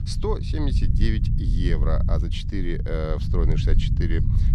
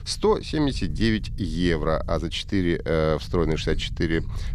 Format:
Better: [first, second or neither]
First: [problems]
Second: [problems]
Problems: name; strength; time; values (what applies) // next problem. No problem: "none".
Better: second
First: low rumble; loud; throughout; 6 dB below the speech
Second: low rumble; faint; throughout; 25 dB below the speech